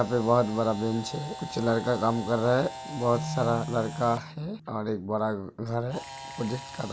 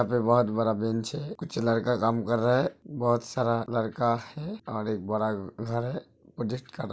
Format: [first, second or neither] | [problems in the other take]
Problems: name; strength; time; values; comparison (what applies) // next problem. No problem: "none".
second | background sound (Keyboard (musical) + Camera); 11 dB below the speech